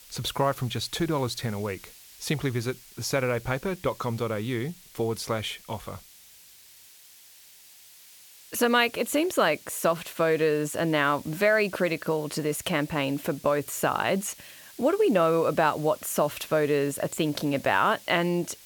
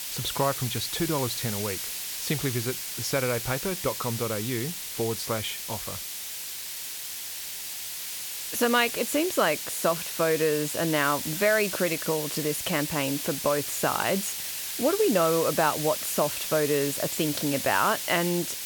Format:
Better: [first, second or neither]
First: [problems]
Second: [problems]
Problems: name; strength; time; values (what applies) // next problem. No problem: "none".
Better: first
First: hiss; faint; throughout; 20 dB below the speech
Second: hiss; loud; throughout; 4 dB below the speech